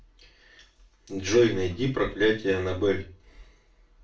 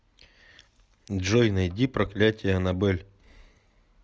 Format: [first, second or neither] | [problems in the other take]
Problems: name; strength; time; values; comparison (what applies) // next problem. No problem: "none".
second | room echo; dies away in 0.3 s